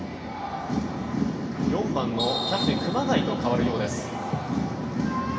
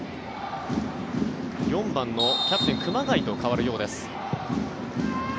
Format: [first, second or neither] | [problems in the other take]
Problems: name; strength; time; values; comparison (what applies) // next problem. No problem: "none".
second | room echo; dies away in 2.4 s